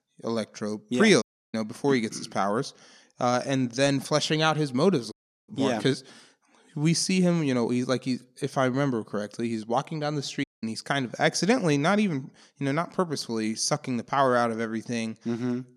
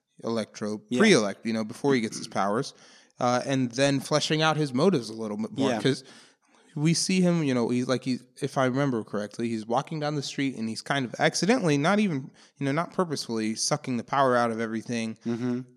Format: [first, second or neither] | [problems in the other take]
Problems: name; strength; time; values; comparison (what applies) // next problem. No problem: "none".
second | audio cutting out; at 1 s, at 5 s and at 10 s